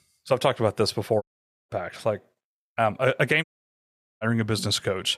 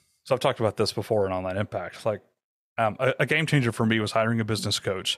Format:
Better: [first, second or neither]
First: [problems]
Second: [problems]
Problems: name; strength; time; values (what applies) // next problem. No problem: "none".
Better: second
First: audio cutting out; at 1 s and at 3.5 s for 1 s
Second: none